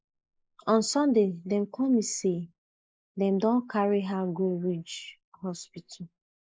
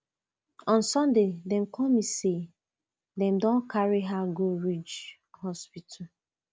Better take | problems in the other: second | noise reduction (neural mask model Resemble Enhance denoiser)

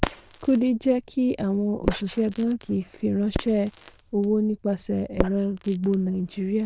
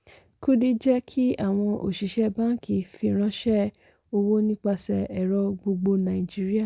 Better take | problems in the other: second | noise reduction (neural diffusion model UNIVERSE++)

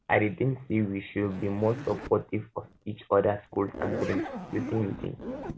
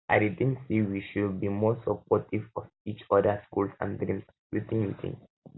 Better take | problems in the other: second | background sound (Zipper (clothing)); 10 dB below the speech

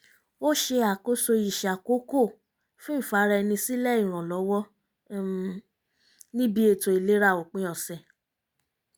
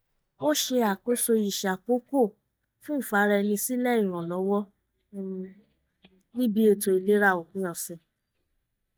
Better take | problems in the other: first | noise reduction (neural mask model DeepFilterNet 3)

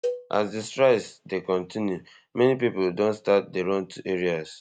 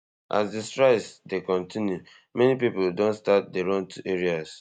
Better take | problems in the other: second | background sound (Cowbell); 11 dB below the speech

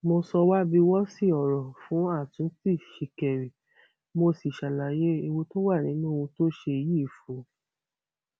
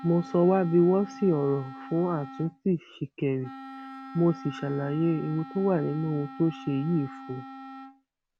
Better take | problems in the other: first | background sound (Wind instrument, woodwind instrument); 16 dB below the speech

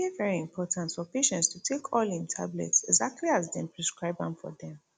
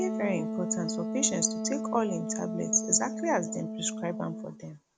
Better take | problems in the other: first | background sound (Wind instrument, woodwind instrument); 3 dB below the speech

